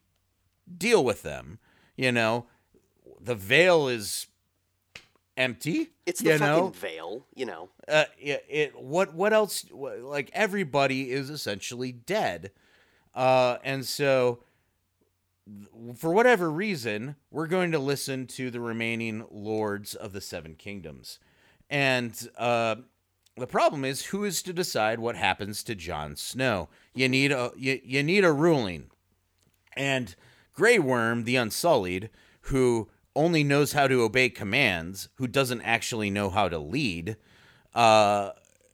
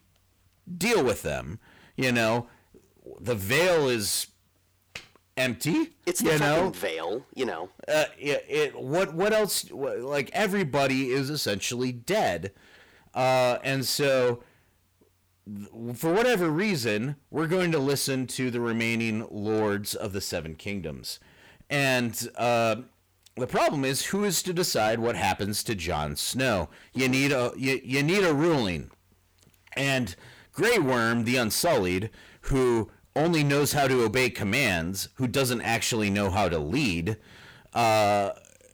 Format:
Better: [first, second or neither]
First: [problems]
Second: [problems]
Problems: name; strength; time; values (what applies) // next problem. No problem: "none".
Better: first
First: none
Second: distortion; heavy; 6 dB below the speech